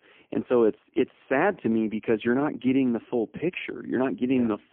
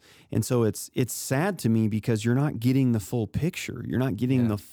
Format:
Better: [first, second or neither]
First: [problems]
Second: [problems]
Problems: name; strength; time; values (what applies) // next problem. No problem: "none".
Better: second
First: phone-call audio; poor line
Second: none